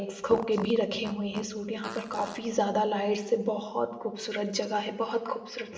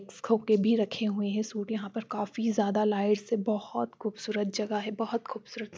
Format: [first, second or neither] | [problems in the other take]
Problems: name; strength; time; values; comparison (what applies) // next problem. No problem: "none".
second | background sound (Fart); 11 dB below the speech // room echo; dies away in 1 s